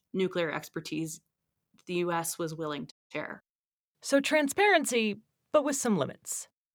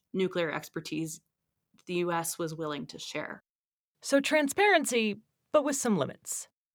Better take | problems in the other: second | audio cutting out; at 3 s

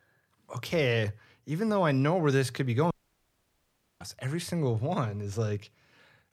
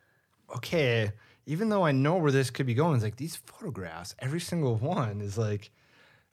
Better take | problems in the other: second | audio cutting out; at 3 s for 1 s

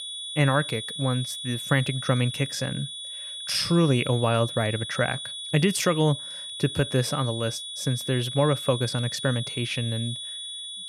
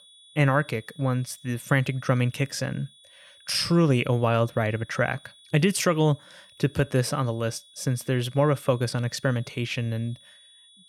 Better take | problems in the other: second | high-pitched whine; loud; throughout; 3.5 kHz, 7 dB below the speech; faint in the second

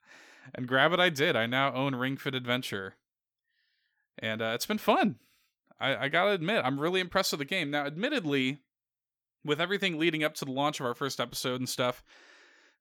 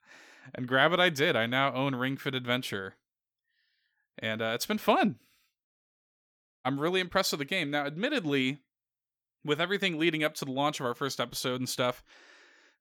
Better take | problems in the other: first | audio cutting out; at 5.5 s for 1 s

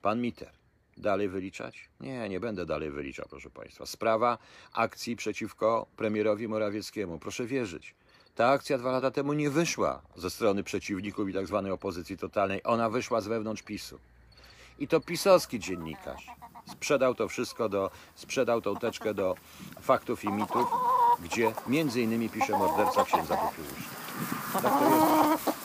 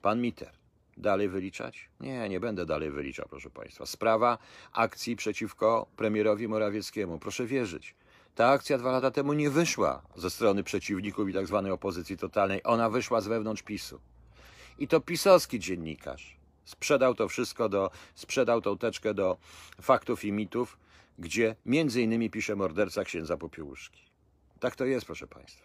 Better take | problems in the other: second | animal sounds; very loud; throughout; 2 dB above the speech

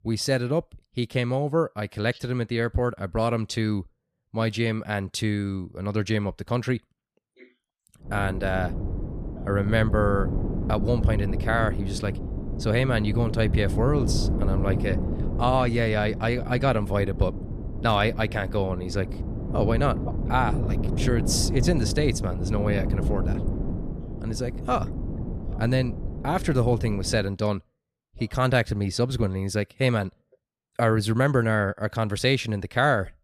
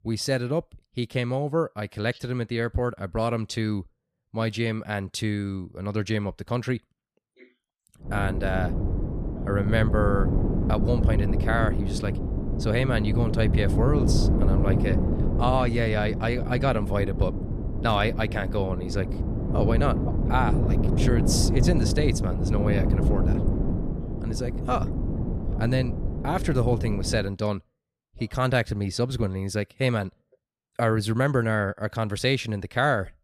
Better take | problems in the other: first | wind noise on the microphone; heavy; from 8 to 27 s; 6 dB below the speech; occasional gusts in the first

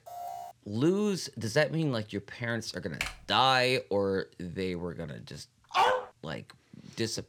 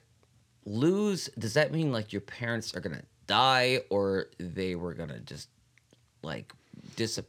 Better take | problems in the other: second | alarm; faint; at the start; peak 10 dB below the speech // keyboard typing; noticeable; at 3 s; peak 6 dB below the speech // dog barking; loud; at 5.5 s; peak 4 dB above the speech

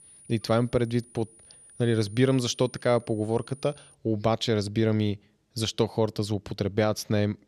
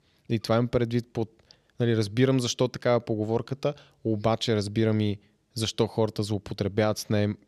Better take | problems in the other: second | high-pitched whine; faint; until 4 s; 9.5 kHz, 25 dB below the speech

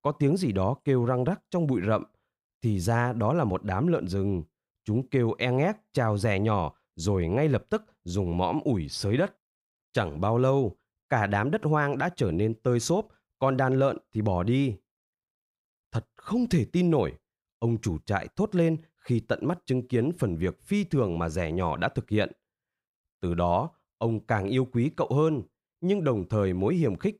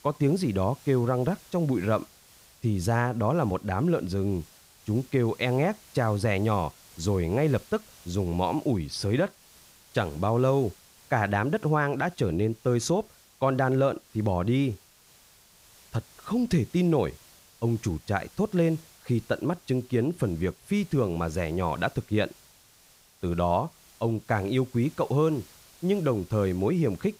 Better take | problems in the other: first | hiss; faint; throughout; 25 dB below the speech

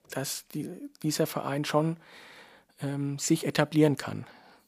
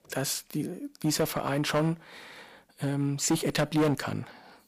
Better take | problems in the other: first | distortion; heavy; 5% of the sound clipped

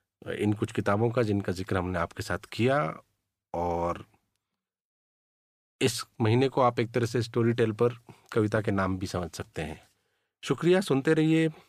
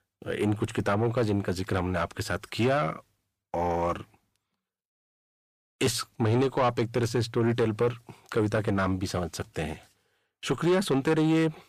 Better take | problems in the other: first | distortion; slight; 10 dB below the speech

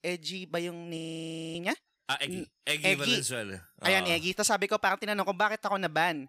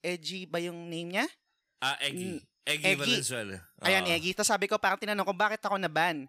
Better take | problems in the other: second | audio freezing; at 1 s for 0.5 s

